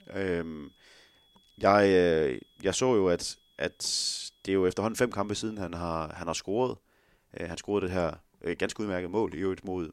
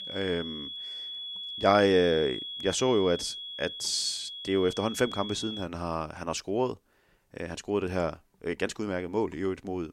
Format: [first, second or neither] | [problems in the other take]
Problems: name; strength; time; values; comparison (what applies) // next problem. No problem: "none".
first | high-pitched whine; loud; until 5.5 s; 3.5 kHz, 7 dB below the speech; faint in the first